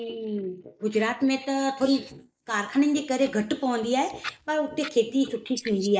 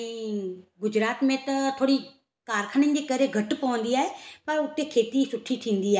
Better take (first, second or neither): second